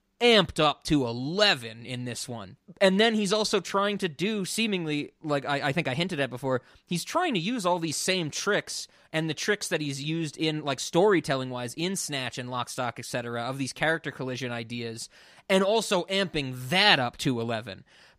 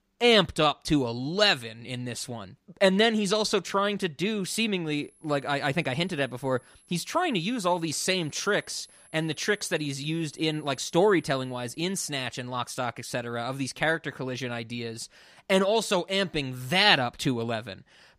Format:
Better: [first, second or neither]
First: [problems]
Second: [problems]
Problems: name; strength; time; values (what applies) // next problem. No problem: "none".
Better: first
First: none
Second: high-pitched whine; faint; from 5 to 12 s; 11 kHz, 30 dB below the speech